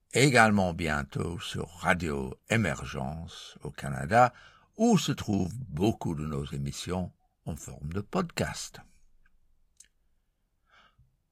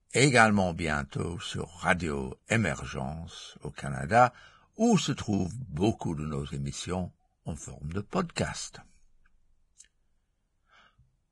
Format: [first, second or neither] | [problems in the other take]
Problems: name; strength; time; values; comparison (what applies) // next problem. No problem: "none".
first | garbled, watery; badly; slightly in the first